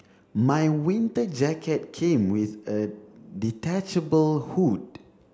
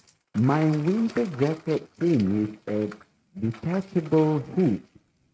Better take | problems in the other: first | noise reduction (neural mask model RNNoise)

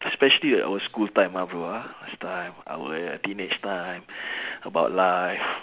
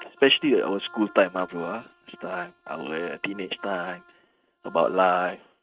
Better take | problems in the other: first | noise reduction (neural mask model RNNoise)

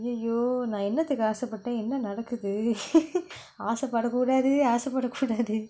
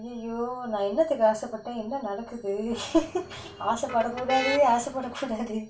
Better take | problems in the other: first | background sound (Motor vehicle (road)); 10 dB below the speech // room echo; dies away in 0.2 s

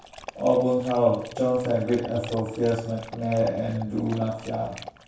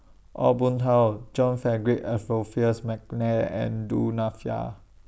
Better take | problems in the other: second | background sound (Dog); 17 dB below the speech // room echo; dies away in 0.7 s

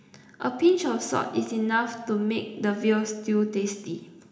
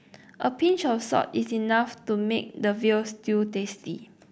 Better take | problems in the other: second | room echo; dies away in 0.8 s

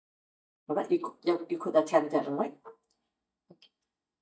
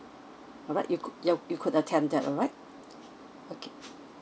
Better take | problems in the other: second | noise reduction (neural mask model DeepFilterNet 3)

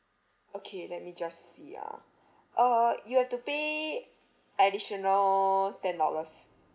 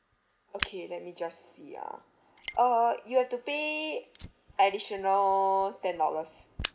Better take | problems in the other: first | background sound (Fire); 16 dB below the speech

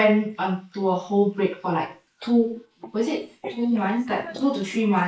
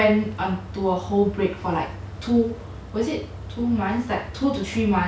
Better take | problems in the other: second | noise reduction (neural mask model Resemble Enhance denoiser)

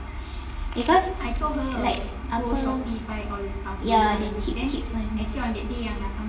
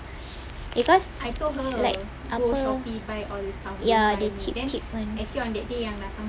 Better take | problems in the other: second | room echo; dies away in 0.8 s

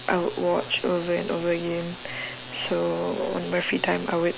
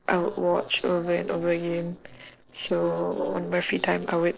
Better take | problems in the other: first | noise reduction (neural separator model SepFormer DNS4)

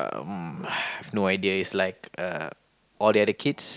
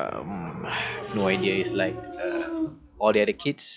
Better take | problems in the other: first | noise reduction (classical method log-MMSE)

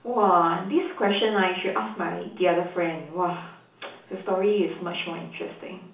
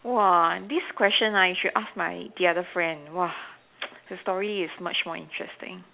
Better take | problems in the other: second | room echo; dies away in 0.8 s

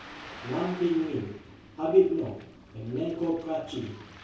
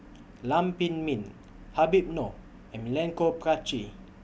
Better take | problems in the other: second | background sound (Ocean); 19 dB below the speech // room echo; dies away in 0.6 s

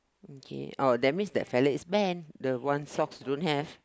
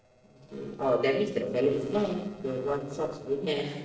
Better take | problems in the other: first | noise reduction (neural separator model SepFormer DNS4)

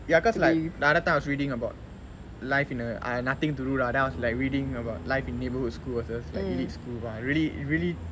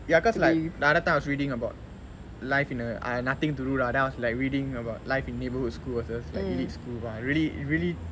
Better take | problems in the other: second | background sound (Bowed string instrument); 13 dB below the speech

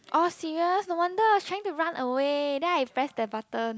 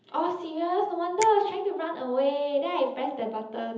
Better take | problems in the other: first | background sound (Finger snapping); 18 dB below the speech // room echo; dies away in 0.7 s

